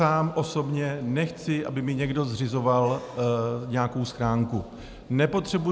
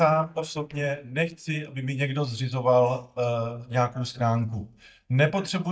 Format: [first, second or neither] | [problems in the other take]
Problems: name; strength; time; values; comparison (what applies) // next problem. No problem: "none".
first | noise reduction (neural mask model DeepFilterNet 3)